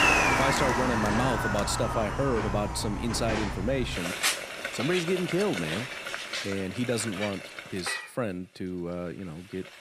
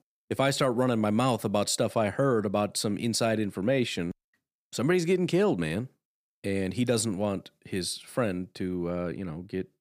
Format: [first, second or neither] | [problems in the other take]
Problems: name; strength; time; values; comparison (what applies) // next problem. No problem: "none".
second | household noises; very loud; throughout; 1 dB above the speech